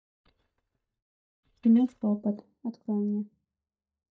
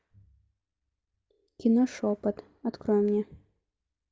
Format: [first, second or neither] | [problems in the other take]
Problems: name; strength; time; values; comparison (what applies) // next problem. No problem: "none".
second | noise reduction (neural mask model DeepFilterNet 3)